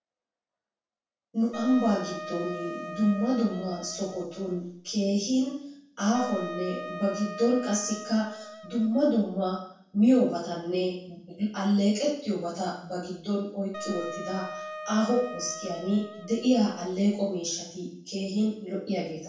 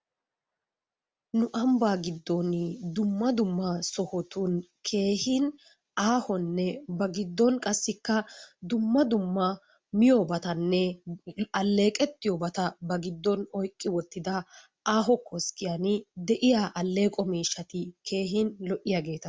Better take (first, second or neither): second